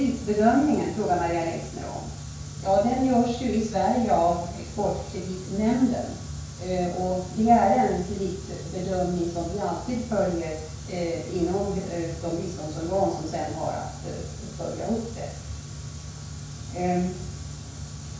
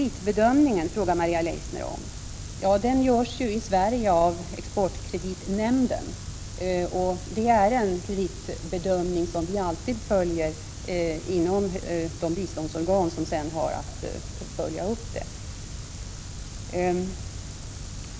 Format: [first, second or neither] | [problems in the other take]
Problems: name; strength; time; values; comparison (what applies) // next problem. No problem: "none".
second | room echo; dies away in 0.5 s